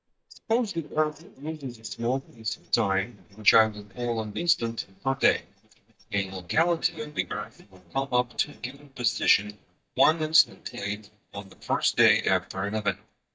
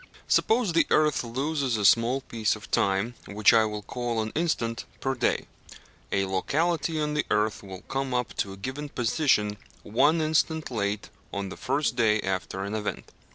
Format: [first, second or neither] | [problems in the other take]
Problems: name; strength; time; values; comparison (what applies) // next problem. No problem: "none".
second | noise reduction (neural mask model DeepFilterNet 3)